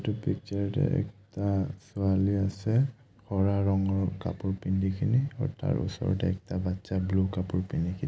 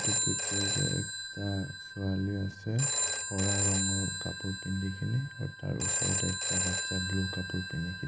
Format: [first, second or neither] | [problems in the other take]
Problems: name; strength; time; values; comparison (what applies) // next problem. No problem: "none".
first | background sound (Telephone); 1 dB above the speech